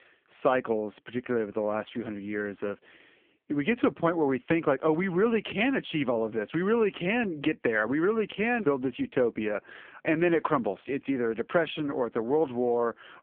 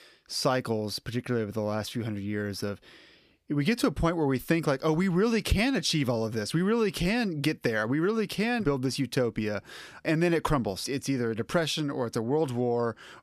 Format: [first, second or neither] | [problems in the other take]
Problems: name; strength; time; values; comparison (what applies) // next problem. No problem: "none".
second | phone-call audio; poor line; nothing above 3.5 kHz